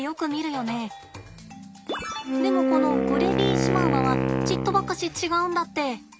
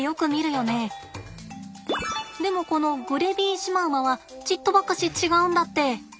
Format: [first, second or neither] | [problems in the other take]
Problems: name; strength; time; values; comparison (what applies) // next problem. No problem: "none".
second | background sound (Wind instrument, woodwind instrument); 4 dB above the speech